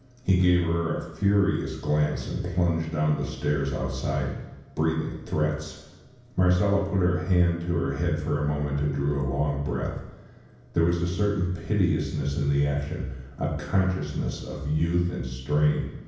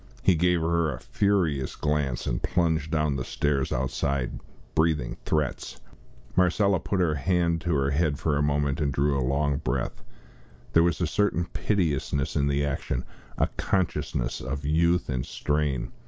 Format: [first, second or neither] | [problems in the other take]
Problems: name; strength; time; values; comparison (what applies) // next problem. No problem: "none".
second | room echo; dies away in 0.9 s